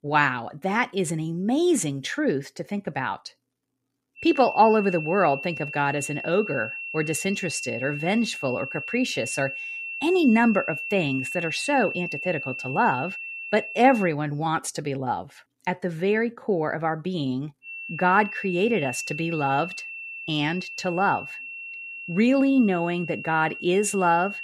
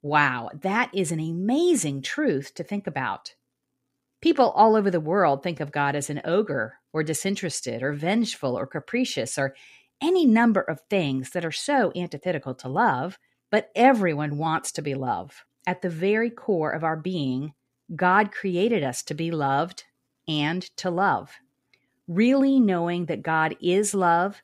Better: second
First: high-pitched whine; loud; from 4 to 14 s and from 18 s on; 2.5 kHz, 8 dB below the speech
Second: none

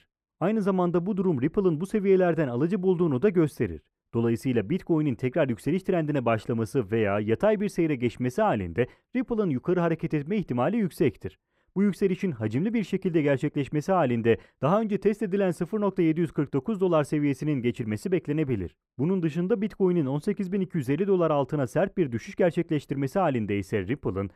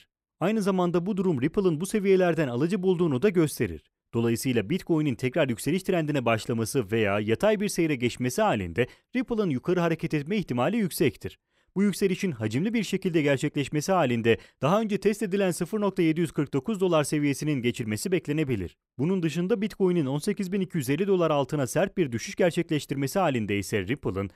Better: second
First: muffled; slightly; fading above 2.5 kHz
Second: none

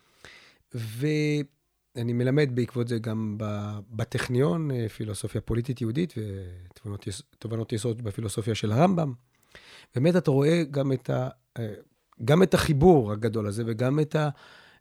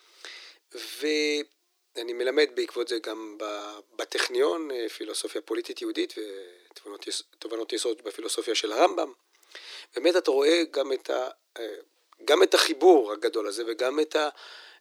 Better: first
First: none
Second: thin; very; fading below 300 Hz

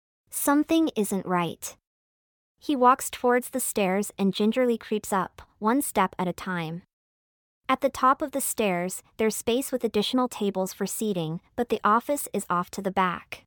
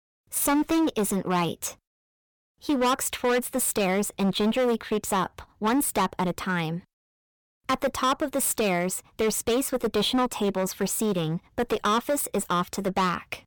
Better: first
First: none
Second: distortion; heavy; 13% of the sound clipped

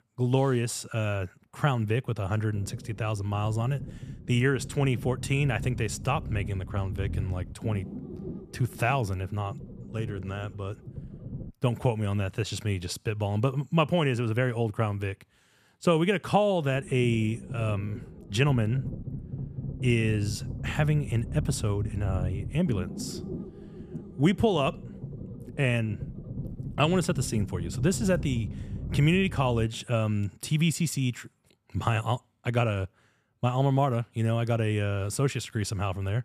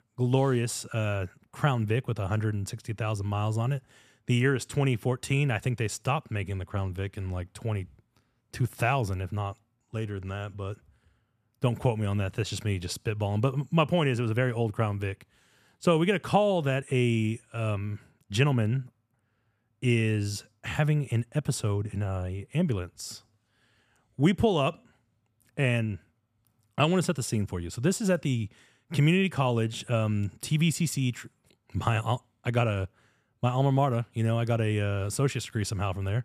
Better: second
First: low rumble; noticeable; from 2.5 to 12 s and from 17 to 30 s; 15 dB below the speech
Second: none

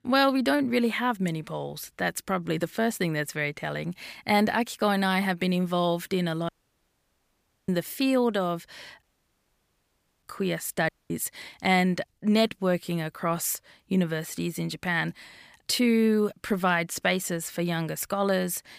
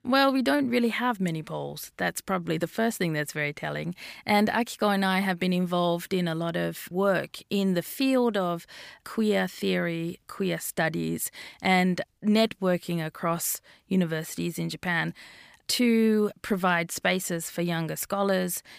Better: second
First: audio cutting out; at 6.5 s for 1 s, at 9 s for 1 s and at 11 s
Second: none

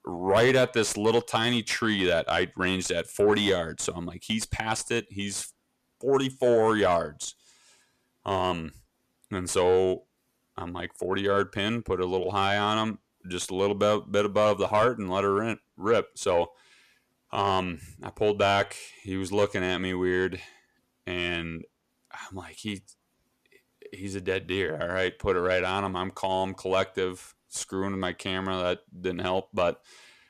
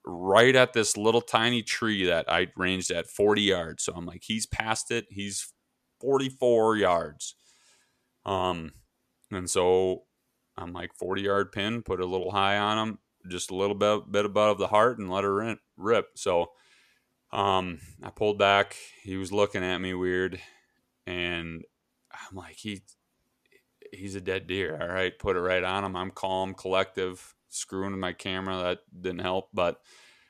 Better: second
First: distortion; slight; 10 dB below the speech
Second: none

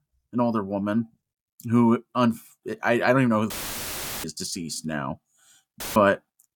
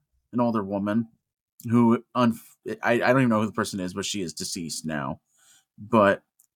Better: second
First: audio cutting out; filled with static; at 3.5 s for 0.5 s and at 6 s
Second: none

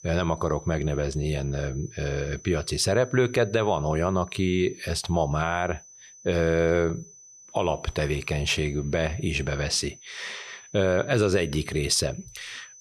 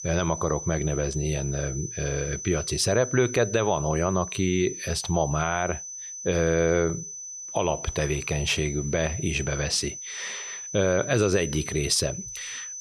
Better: first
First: high-pitched whine; faint; throughout; 6 kHz, 20 dB below the speech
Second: high-pitched whine; loud; throughout; 6 kHz, 9 dB below the speech

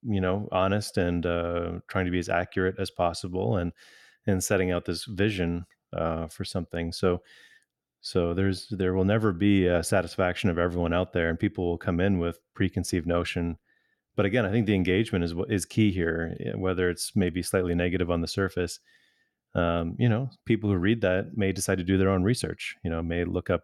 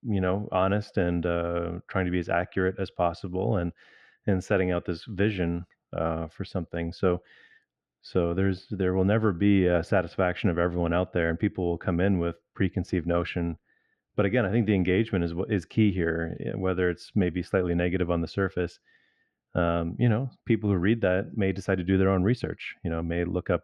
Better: first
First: none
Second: muffled; slightly; fading above 2.5 kHz

